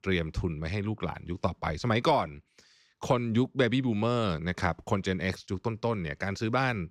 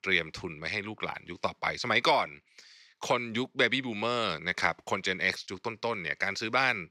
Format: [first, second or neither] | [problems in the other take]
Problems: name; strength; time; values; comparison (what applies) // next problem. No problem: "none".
first | thin; somewhat; fading below 650 Hz